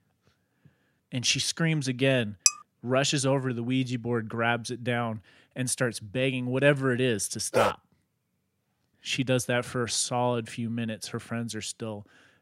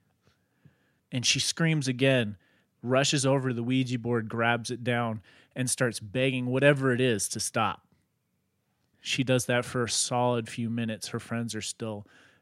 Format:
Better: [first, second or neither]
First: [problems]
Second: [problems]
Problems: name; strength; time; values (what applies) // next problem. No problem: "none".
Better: second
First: clattering dishes; very faint; at 2.5 s; peak 4 dB above the speech // dog barking; noticeable; at 7.5 s; peak level with the speech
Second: none